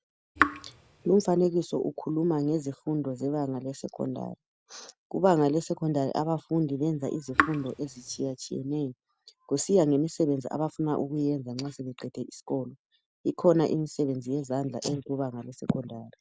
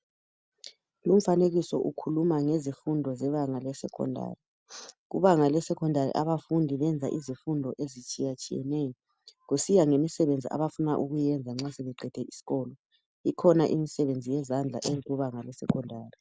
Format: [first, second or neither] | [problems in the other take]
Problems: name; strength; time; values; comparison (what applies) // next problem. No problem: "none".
second | background sound (Raindrop / Drip); 2 dB below the speech